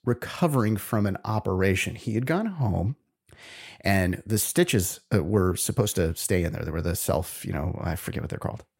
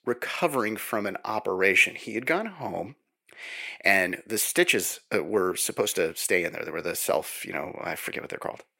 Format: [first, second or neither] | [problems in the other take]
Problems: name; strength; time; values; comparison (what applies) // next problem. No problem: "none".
first | thin; somewhat; fading below 400 Hz